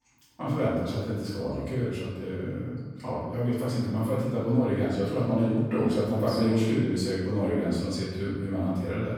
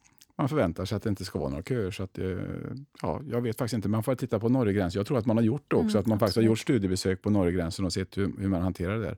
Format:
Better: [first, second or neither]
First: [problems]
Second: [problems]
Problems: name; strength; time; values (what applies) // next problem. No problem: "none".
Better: second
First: off-mic speech; far // room echo; strong; dies away in 1.1 s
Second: none